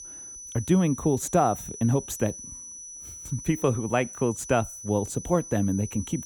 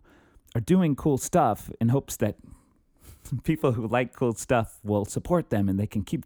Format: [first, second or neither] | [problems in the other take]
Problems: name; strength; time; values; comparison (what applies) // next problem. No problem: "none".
second | high-pitched whine; noticeable; throughout; 6 kHz, 10 dB below the speech